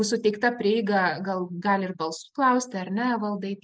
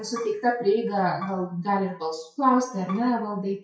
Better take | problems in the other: first | noise reduction (classical method WPE with log-MMSE)

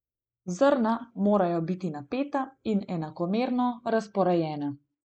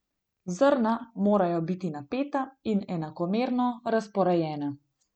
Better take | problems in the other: second | noise reduction (neural mask model Resemble Enhance denoiser)

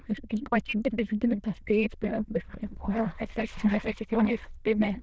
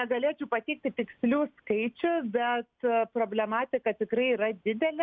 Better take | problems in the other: second | noise reduction (neural diffusion model UNIVERSE++)

